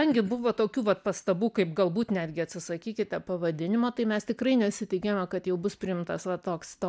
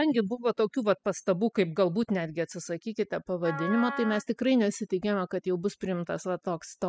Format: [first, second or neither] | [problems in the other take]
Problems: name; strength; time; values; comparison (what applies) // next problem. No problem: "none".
first | noise reduction (classical method spectral subtraction)